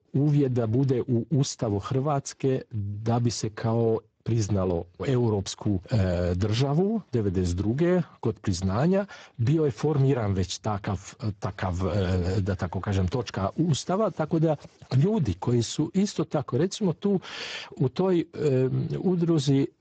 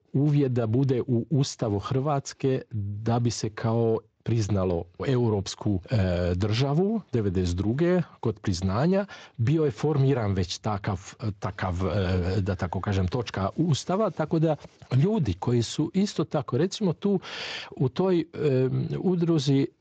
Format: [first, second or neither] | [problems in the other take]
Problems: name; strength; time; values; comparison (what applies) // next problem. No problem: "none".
second | garbled, watery; badly; nothing above 7.5 kHz; slightly in the second